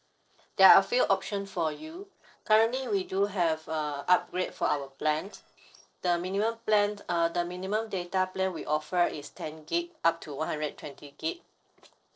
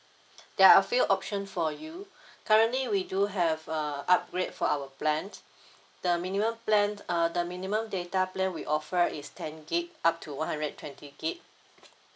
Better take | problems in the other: second | noise reduction (neural separator model SepFormer DNS4)

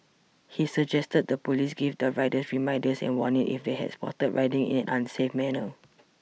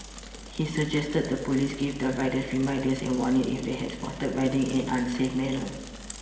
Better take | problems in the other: first | background sound (Mechanisms / Bicycle); 14 dB below the speech // room echo; dies away in 1.3 s

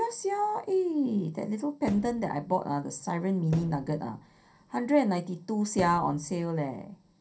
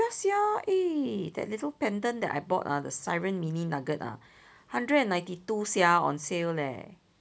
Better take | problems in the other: second | background sound (Thump, thud); 16 dB below the speech // room echo; dies away in 0.3 s

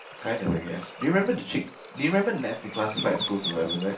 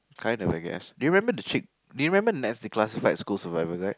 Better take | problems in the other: second | background sound (Water / Bird); 10 dB below the speech // room echo; dies away in 0.3 s

